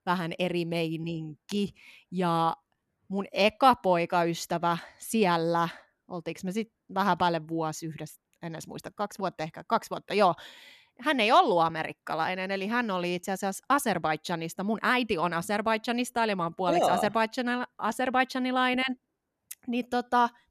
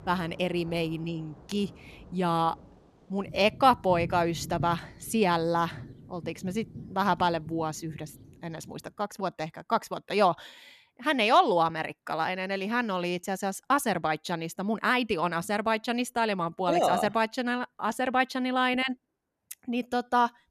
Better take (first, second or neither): first